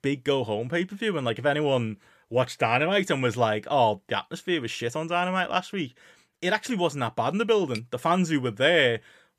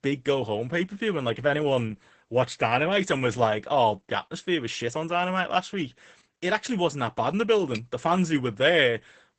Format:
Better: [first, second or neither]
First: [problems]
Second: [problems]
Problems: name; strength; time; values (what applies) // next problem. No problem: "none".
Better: first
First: none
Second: garbled, watery; badly; nothing above 8 kHz